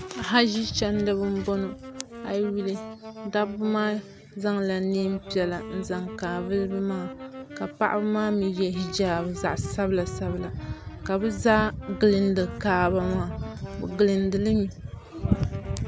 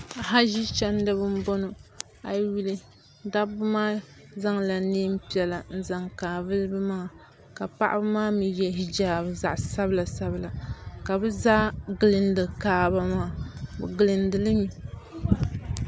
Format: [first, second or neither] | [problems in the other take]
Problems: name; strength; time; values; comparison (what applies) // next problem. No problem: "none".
second | background sound (Wind instrument, woodwind instrument); 15 dB below the speech